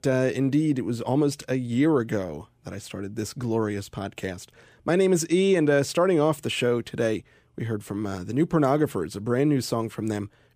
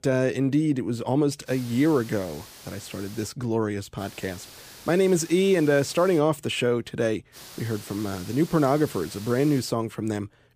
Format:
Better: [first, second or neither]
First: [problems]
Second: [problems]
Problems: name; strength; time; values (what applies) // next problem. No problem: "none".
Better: first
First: none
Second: hiss; noticeable; from 1.5 to 3.5 s, from 4 to 6 s and from 7.5 to 9.5 s; 20 dB below the speech